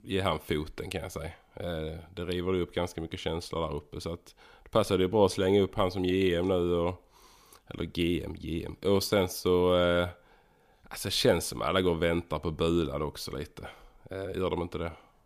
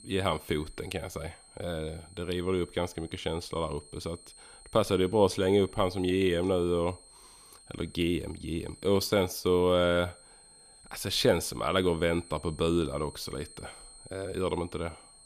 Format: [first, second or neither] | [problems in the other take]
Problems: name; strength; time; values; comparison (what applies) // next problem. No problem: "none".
first | high-pitched whine; faint; throughout; 8.5 kHz, 20 dB below the speech